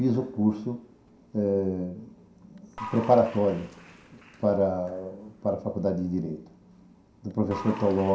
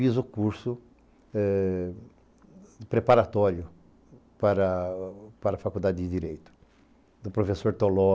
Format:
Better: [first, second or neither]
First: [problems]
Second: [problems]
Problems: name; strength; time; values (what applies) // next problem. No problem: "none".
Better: second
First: background sound (Applause / Crowd); 18 dB below the speech // room echo; dies away in 0.5 s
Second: none